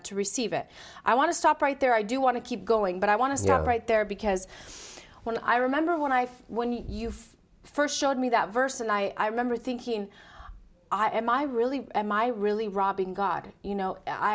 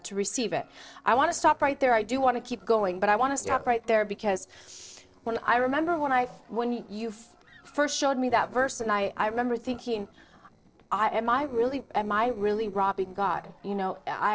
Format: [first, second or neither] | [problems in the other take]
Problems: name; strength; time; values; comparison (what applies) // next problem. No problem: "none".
first | noise reduction (neural separator model SepFormer DNS4)